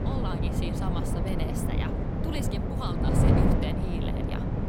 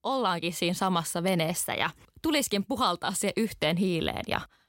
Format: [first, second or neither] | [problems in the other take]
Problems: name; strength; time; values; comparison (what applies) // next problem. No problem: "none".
second | wind noise on the microphone; heavy; 5 dB above the speech